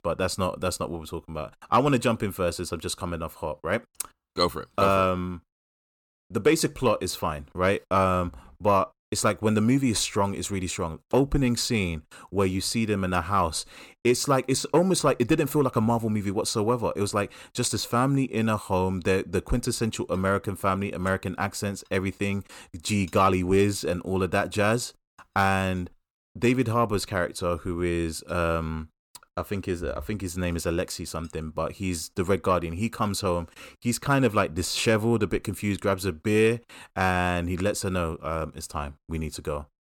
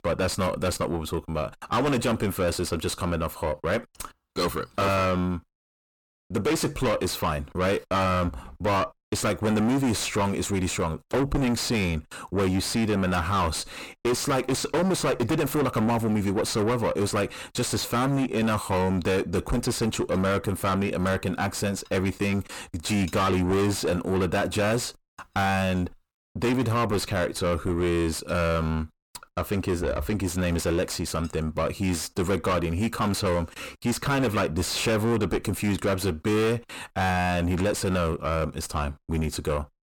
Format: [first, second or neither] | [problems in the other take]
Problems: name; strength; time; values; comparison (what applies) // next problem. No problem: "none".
first | distortion; heavy; 5 dB below the speech